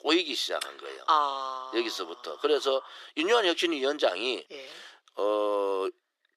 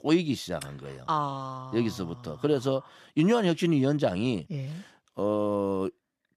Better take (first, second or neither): second